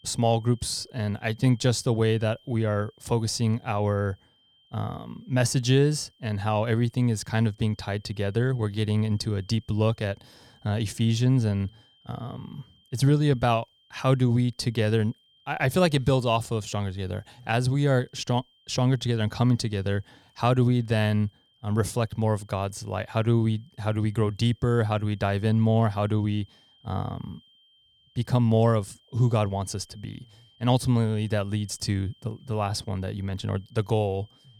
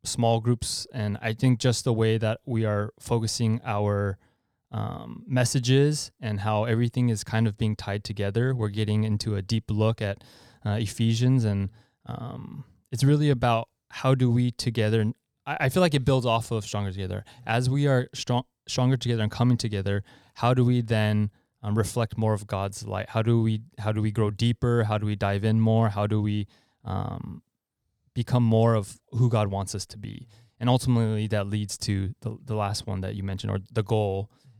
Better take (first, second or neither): second